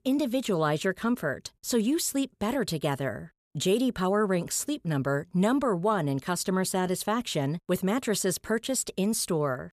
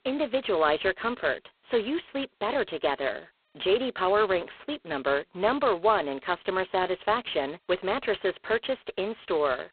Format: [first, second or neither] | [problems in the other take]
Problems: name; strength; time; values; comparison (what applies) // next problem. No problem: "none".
first | phone-call audio; poor line; nothing above 4 kHz